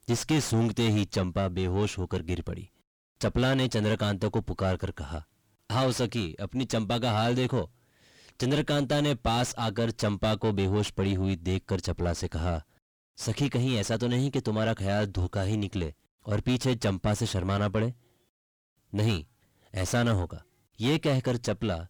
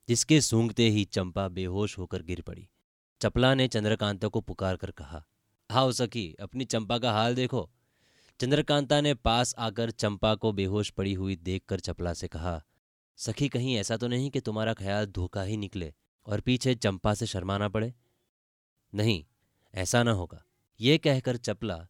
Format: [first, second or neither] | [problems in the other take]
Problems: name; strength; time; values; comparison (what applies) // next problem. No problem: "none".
second | distortion; heavy; 7 dB below the speech